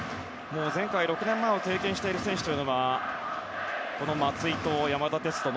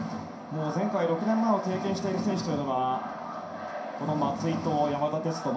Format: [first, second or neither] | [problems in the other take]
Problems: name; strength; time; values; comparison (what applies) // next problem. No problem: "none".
first | room echo; dies away in 0.5 s